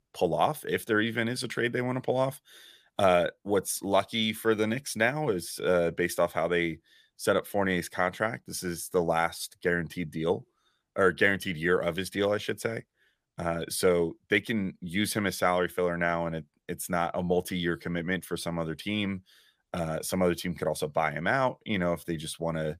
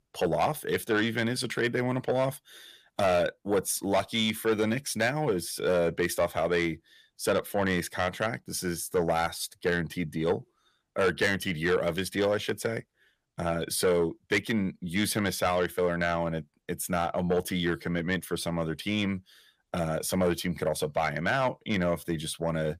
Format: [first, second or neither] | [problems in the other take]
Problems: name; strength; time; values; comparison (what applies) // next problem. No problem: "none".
first | distortion; slight; 10 dB below the speech